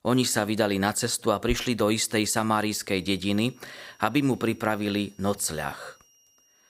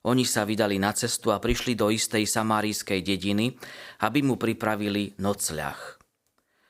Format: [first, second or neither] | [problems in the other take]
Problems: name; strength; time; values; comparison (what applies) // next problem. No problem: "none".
second | high-pitched whine; faint; from 3 s on; 5.5 kHz, 35 dB below the speech